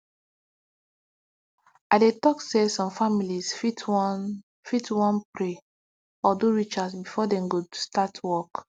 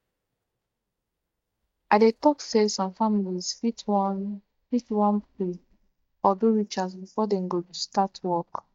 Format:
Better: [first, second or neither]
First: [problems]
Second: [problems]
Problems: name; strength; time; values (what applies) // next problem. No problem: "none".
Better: first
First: none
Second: noise reduction (neural mask model DeepFilterNet 3)